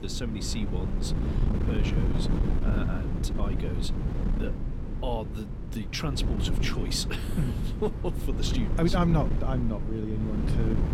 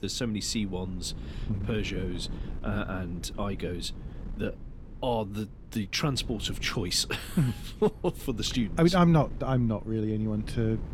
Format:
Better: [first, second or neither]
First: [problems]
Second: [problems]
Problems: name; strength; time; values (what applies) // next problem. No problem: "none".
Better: second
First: wind noise on the microphone; heavy; 5 dB below the speech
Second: wind noise on the microphone; occasional gusts; 20 dB below the speech